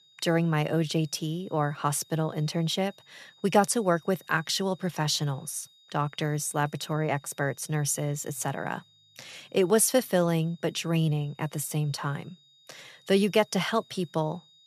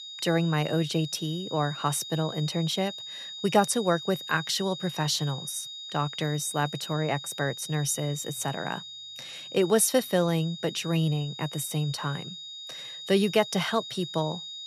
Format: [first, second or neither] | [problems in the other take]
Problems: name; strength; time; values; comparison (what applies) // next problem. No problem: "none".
first | high-pitched whine; loud; throughout; 3.5 kHz, 10 dB below the speech; faint in the first